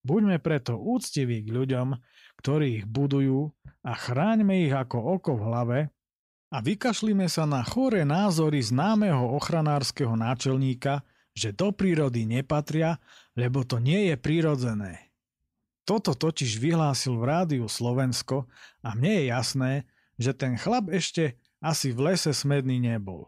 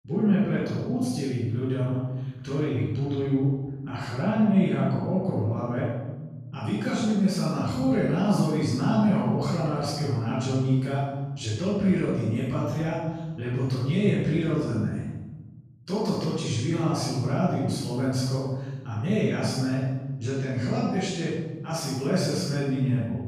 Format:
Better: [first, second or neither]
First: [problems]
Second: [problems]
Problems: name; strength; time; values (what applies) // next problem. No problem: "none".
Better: first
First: none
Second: room echo; strong; dies away in 1.2 s // off-mic speech; far